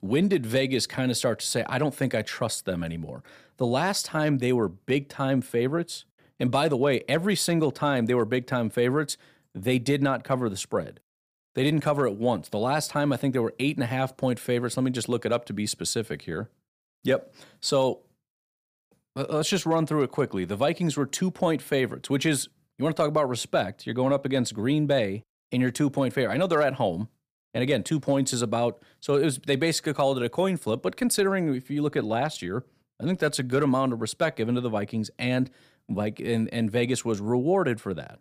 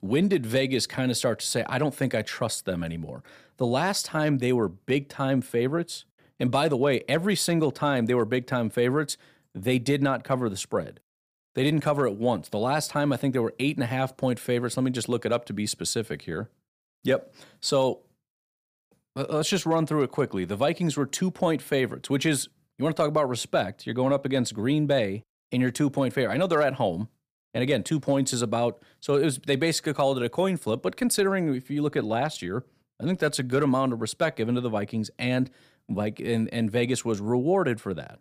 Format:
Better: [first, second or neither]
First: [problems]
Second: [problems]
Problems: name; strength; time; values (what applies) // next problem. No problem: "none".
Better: neither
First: none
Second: none